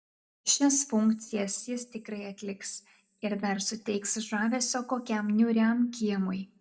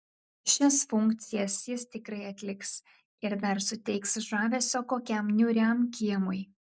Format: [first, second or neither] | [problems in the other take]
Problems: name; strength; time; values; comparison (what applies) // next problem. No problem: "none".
second | room echo; dies away in 0.4 s